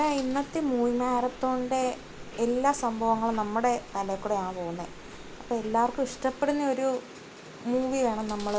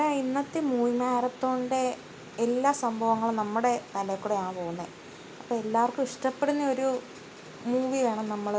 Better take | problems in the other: second | background sound (Chewing, mastication); 17 dB below the speech

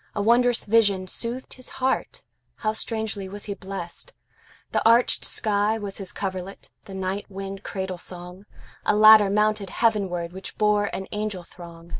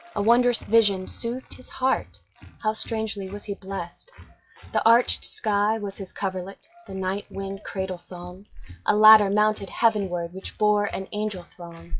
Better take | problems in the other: first | noise reduction (classical method log-MMSE)

